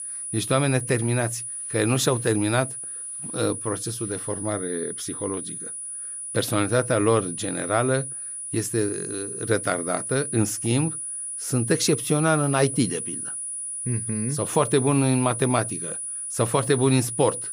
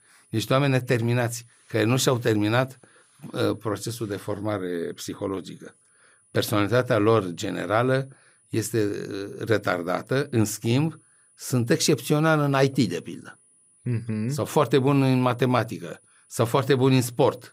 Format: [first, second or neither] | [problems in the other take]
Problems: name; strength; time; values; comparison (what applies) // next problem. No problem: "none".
second | high-pitched whine; loud; throughout; 10 kHz, 5 dB below the speech; faint in the second